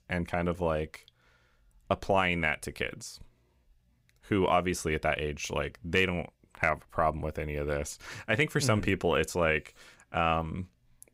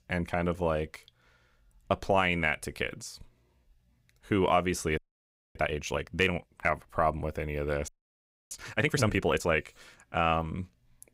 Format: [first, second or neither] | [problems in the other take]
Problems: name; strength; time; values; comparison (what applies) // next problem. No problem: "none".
first | audio freezing; at 5 s for 0.5 s and at 8 s for 0.5 s